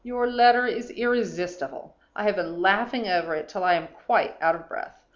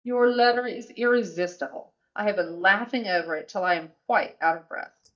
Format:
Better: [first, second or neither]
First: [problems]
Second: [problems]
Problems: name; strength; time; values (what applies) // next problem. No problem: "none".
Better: first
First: none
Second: noise reduction (neural mask model DeepFilterNet 3)